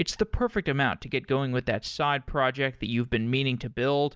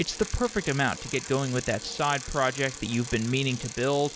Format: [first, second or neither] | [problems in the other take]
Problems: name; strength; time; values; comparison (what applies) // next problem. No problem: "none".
first | background sound (Bicycle); 12 dB below the speech